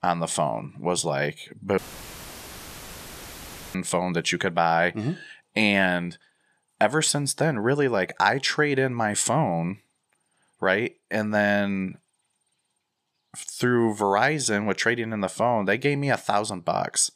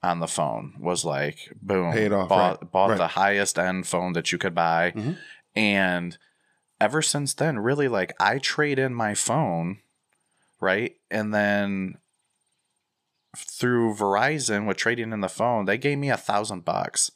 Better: second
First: audio cutting out; filled with static; at 2 s for 2 s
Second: none

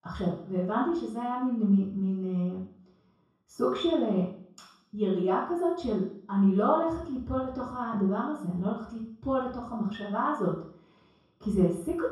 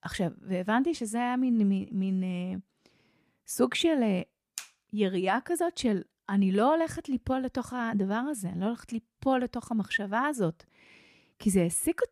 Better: second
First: room echo; noticeable; dies away in 0.6 s // off-mic speech; far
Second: none

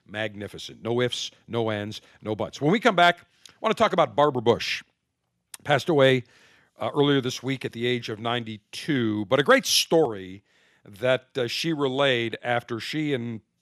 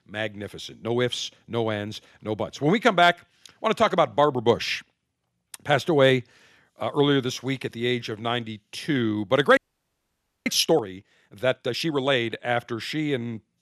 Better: first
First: none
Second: audio freezing; at 9.5 s for 1 s

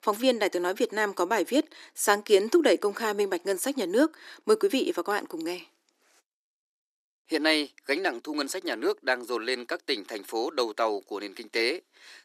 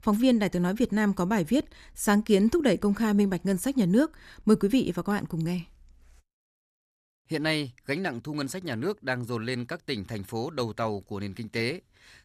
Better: second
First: thin; somewhat; fading below 300 Hz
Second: none

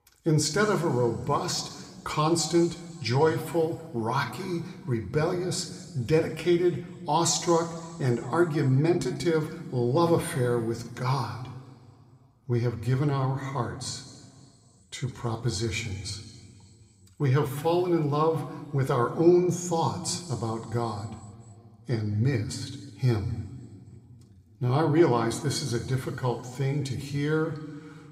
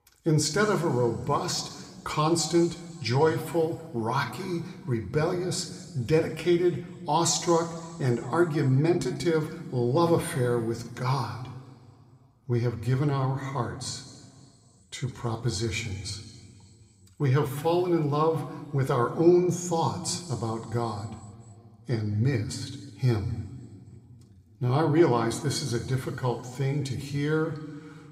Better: neither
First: room echo; slight; dies away in 2.3 s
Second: room echo; slight; dies away in 2.3 s

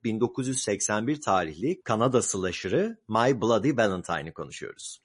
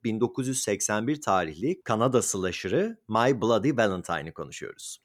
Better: second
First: garbled, watery; slightly; nothing above 10 kHz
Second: none

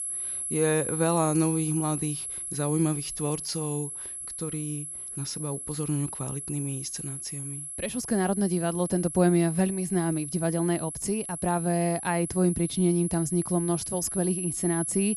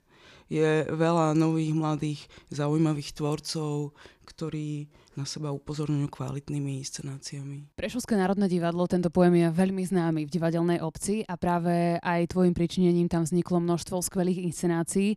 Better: second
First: high-pitched whine; loud; throughout; 11 kHz, 5 dB below the speech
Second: none

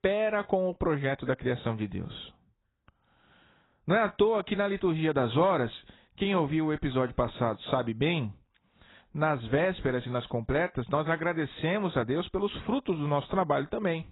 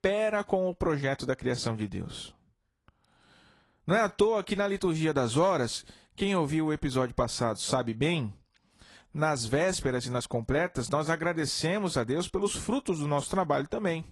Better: second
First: garbled, watery; badly; nothing above 4 kHz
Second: garbled, watery; slightly

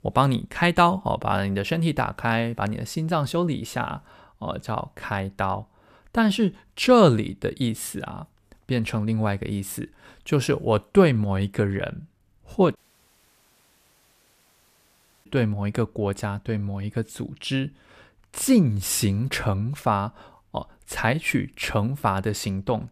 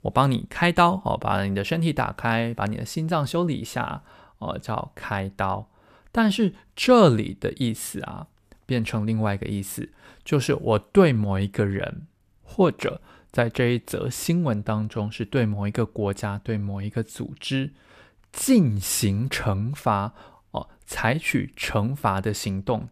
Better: second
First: audio cutting out; at 13 s for 2.5 s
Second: none

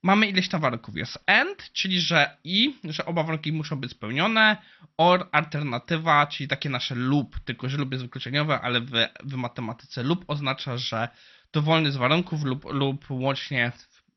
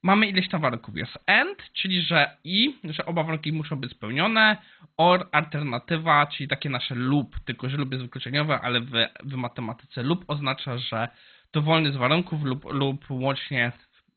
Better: first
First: garbled, watery; slightly; nothing above 6 kHz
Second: garbled, watery; badly; nothing above 4 kHz

